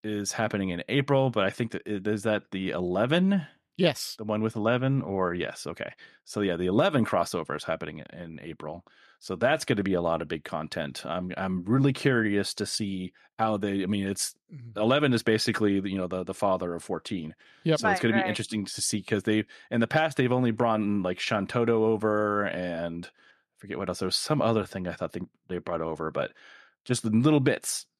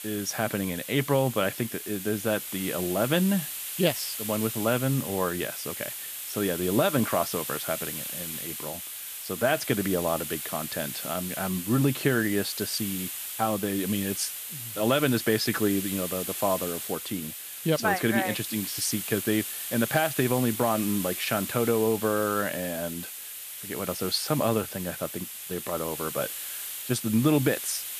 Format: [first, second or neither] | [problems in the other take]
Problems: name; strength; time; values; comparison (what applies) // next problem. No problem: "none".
first | hiss; loud; throughout; 6 dB below the speech